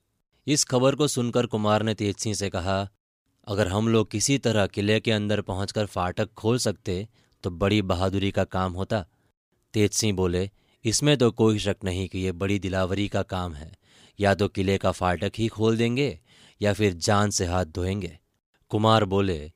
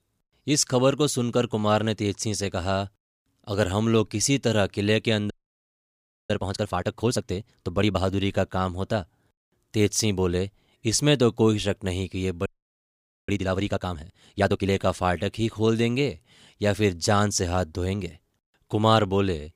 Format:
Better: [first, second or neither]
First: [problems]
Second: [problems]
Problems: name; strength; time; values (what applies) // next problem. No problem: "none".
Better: first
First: none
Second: audio freezing; at 5.5 s for 1 s and at 12 s for 1 s